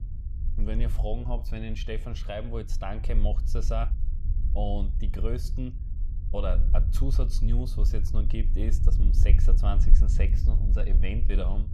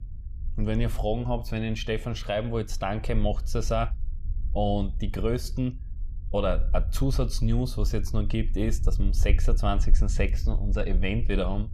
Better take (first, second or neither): second